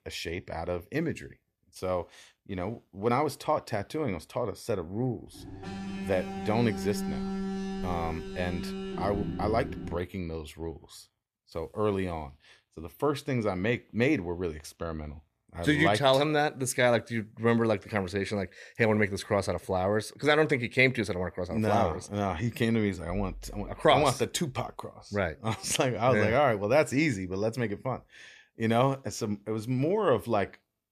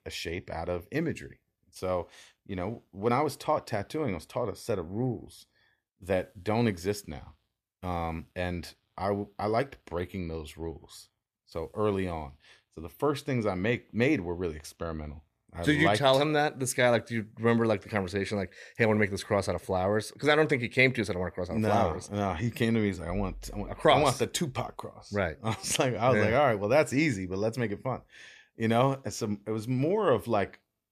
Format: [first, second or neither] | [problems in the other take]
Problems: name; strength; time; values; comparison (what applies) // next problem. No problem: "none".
second | alarm; noticeable; from 5.5 to 10 s; peak 5 dB below the speech